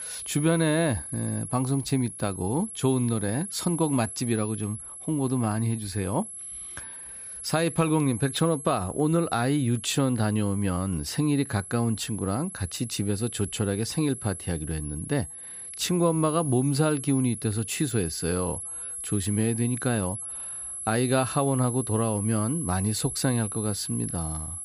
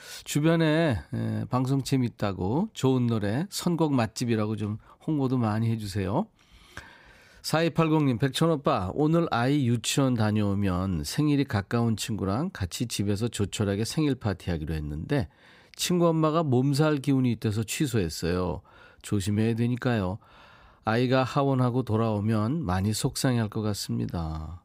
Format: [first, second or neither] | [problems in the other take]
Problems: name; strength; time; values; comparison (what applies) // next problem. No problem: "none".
second | high-pitched whine; loud; throughout; 11 kHz, 8 dB below the speech